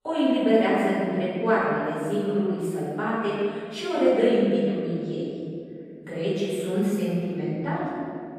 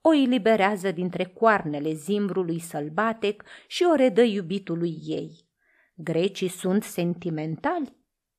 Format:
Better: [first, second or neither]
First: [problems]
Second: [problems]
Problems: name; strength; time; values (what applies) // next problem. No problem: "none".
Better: second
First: off-mic speech; far // room echo; strong; dies away in 2.2 s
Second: none